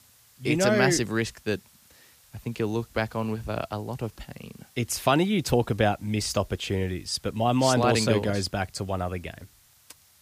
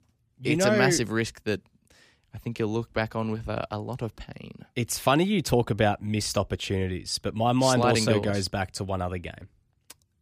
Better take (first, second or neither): second